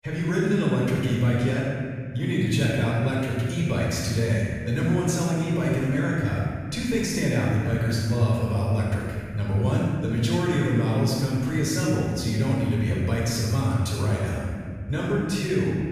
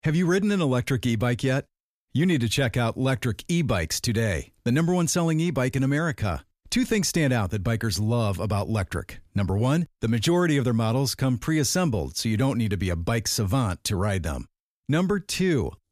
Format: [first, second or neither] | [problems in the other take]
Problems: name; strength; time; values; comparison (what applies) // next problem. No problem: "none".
second | off-mic speech; far // room echo; strong; dies away in 2.1 s